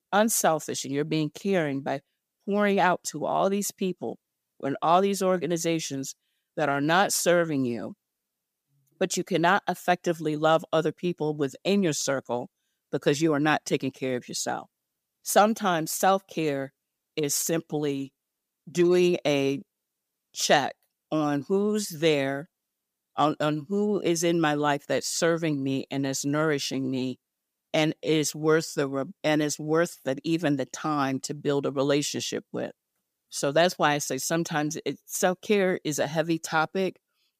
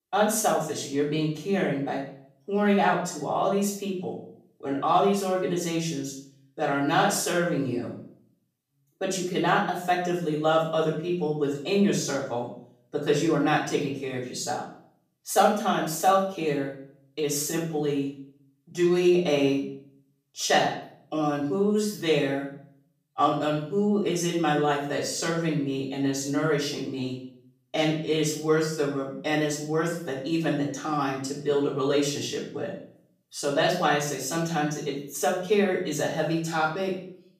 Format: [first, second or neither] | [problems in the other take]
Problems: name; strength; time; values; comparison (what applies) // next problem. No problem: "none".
first | off-mic speech; far // room echo; noticeable; dies away in 0.5 s